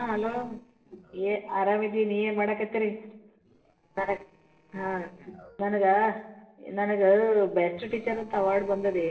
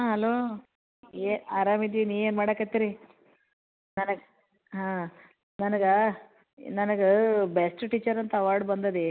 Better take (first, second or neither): second